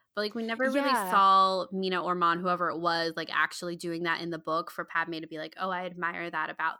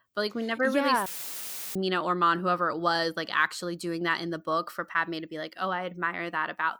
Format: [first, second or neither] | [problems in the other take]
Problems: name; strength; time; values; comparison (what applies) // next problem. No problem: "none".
first | audio cutting out; filled with static; at 1 s for 0.5 s